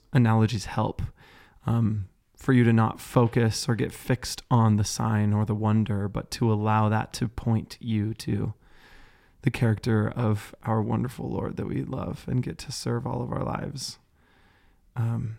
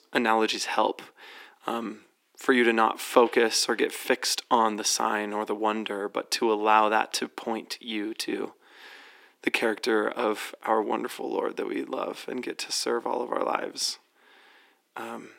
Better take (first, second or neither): first